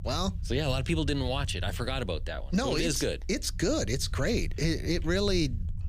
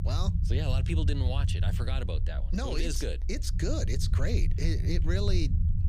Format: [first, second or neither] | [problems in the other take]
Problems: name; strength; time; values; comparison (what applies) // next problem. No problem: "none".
first | low rumble; loud; throughout; 9 dB below the speech; faint in the first